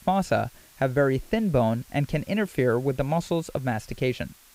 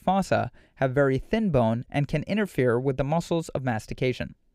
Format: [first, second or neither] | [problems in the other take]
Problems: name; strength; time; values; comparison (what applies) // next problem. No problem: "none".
second | hiss; faint; throughout; 25 dB below the speech